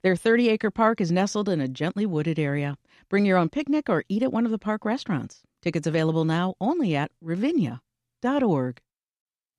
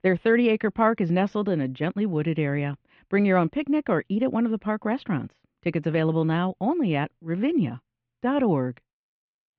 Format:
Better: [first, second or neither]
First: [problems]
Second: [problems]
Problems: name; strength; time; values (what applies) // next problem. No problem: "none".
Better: first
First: none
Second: muffled; very; fading above 3 kHz